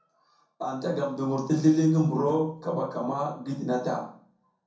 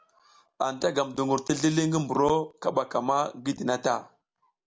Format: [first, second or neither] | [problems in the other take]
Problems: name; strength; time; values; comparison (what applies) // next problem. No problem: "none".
second | room echo; dies away in 0.6 s